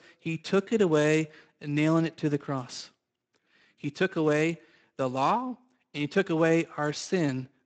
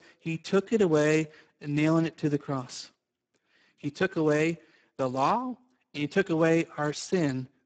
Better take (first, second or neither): first